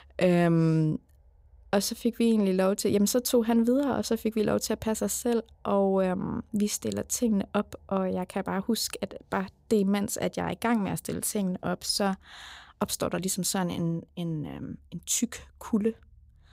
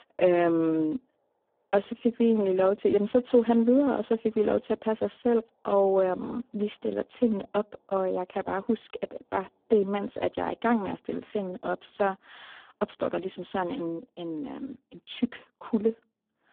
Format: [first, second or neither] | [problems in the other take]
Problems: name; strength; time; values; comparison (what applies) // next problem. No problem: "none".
first | phone-call audio; poor line